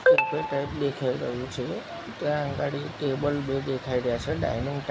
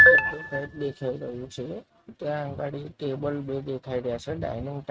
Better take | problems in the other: first | noise reduction (neural mask model RNNoise)

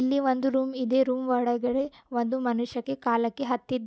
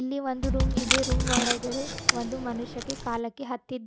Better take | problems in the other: first | background sound (Bass drum / Snare drum + Packing tape, duct tape); 4 dB above the speech

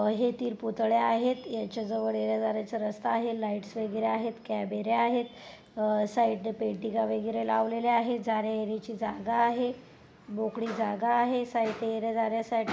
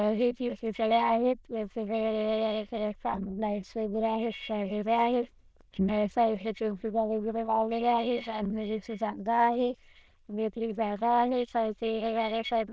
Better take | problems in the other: first | noise reduction (neural diffusion model UNIVERSE++)

